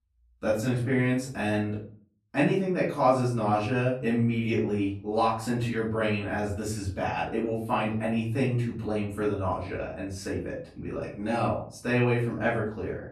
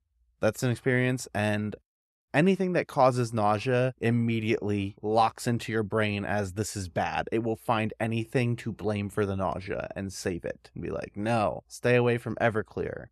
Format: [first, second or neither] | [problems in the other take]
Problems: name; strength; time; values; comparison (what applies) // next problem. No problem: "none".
second | off-mic speech; far // room echo; slight; dies away in 0.4 s